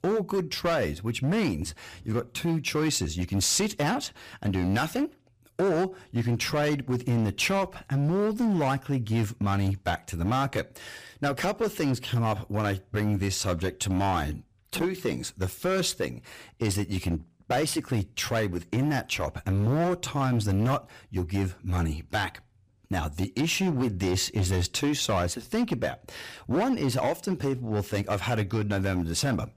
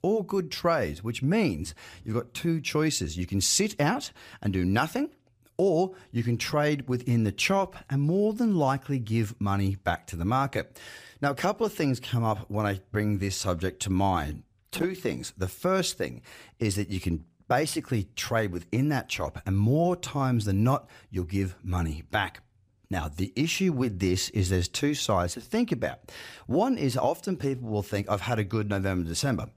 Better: second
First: distortion; slight; 12% of the sound clipped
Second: none

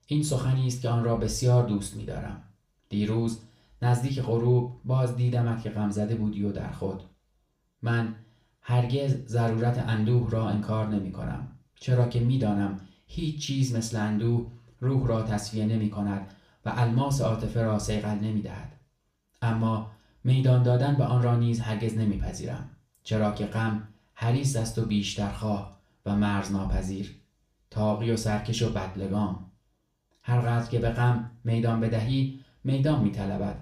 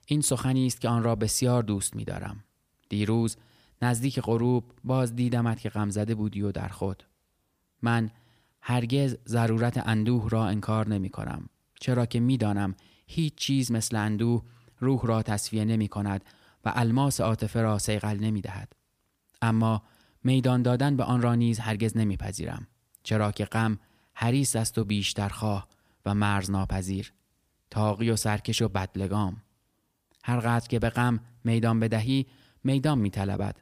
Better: second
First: room echo; slight; dies away in 0.4 s // off-mic speech; far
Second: none

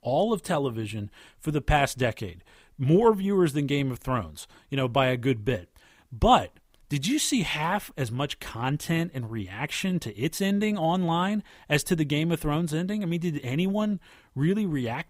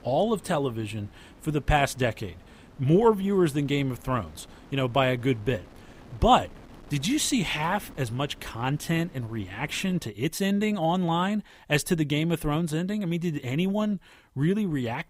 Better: first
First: none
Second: wind noise on the microphone; occasional gusts; until 10 s; 25 dB below the speech

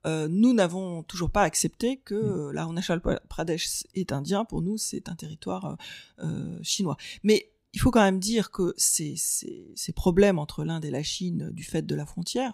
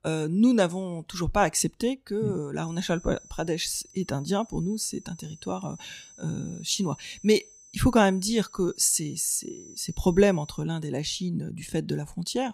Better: first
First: none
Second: high-pitched whine; faint; from 2.5 to 11 s; 6 kHz, 20 dB below the speech

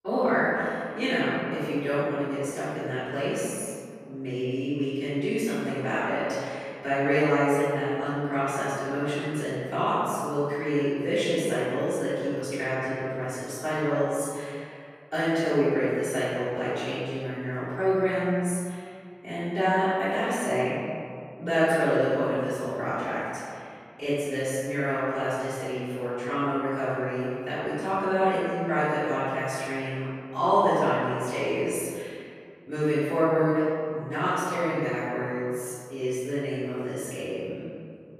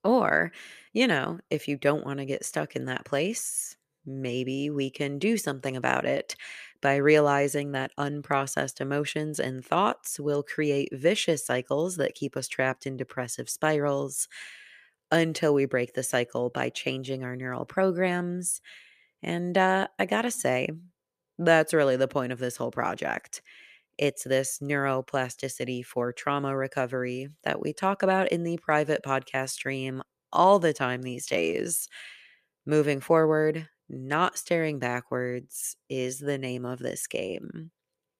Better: second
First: off-mic speech; far // room echo; strong; dies away in 2.2 s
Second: none

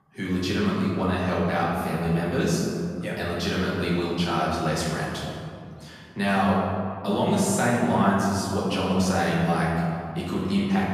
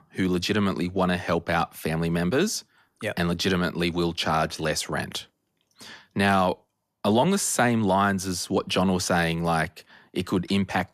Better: second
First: room echo; strong; dies away in 2.3 s // off-mic speech; far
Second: none

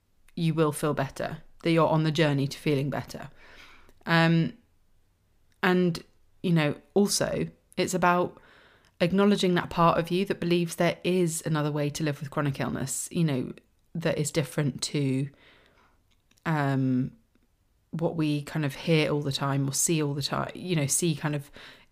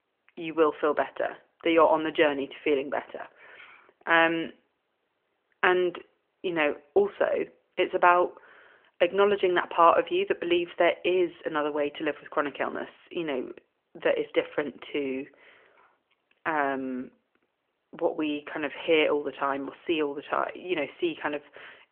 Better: first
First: none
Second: phone-call audio; nothing above 3 kHz

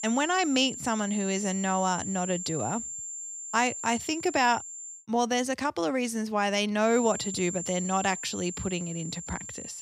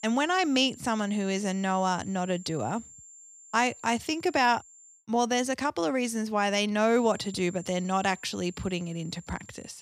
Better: second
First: high-pitched whine; loud; until 5 s and from 7 s on; 7.5 kHz, 7 dB below the speech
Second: high-pitched whine; faint; until 5 s and from 7 s on; 7.5 kHz, 20 dB below the speech

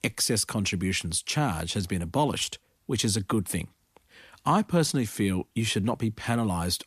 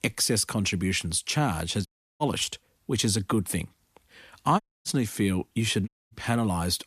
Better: first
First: none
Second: audio cutting out; at 2 s, at 4.5 s and at 6 s

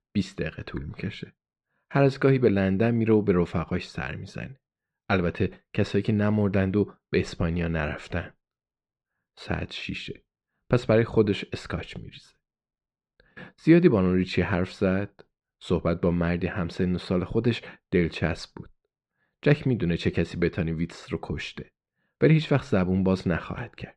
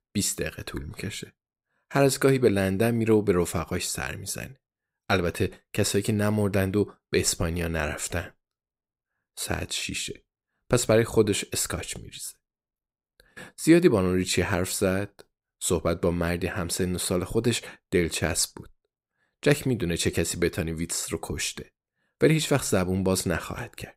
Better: second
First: muffled; slightly; fading above 3.5 kHz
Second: none

